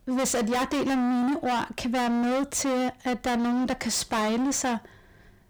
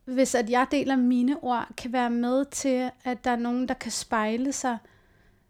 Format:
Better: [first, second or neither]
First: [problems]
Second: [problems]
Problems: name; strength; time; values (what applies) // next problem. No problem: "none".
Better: second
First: distortion; heavy; 35% of the sound clipped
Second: none